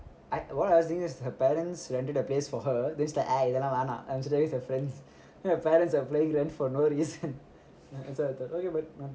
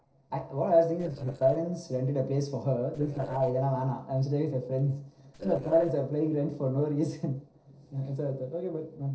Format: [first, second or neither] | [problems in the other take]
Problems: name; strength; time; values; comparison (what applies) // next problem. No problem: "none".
first | noise reduction (neural separator model SepFormer DNS4)